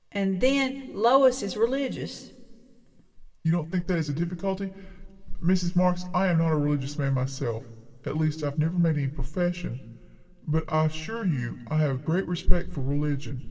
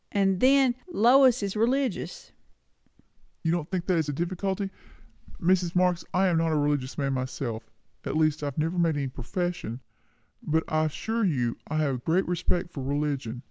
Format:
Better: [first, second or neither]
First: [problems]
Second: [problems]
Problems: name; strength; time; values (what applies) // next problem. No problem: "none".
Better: second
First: room echo; dies away in 2 s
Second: none